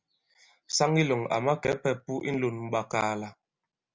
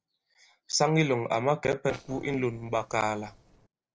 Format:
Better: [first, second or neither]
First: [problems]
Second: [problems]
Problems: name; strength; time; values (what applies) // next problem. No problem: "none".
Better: first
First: none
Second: noise reduction (neural separator model SepFormer DNS4)